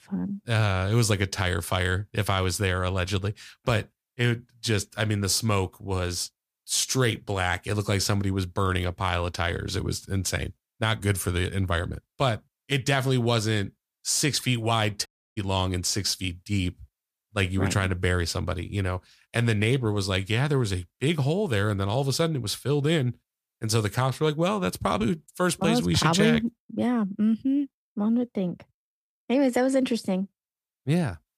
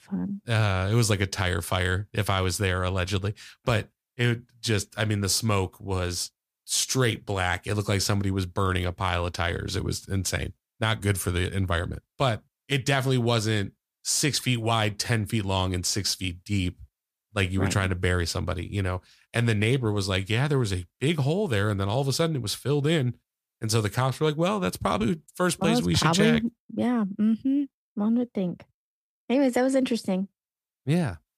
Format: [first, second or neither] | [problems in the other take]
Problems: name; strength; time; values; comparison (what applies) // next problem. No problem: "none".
second | audio cutting out; at 15 s